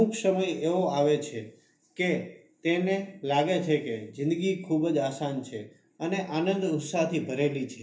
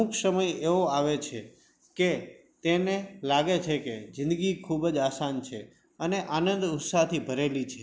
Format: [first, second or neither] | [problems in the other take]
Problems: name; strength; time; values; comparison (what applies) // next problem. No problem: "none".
second | room echo; dies away in 0.3 s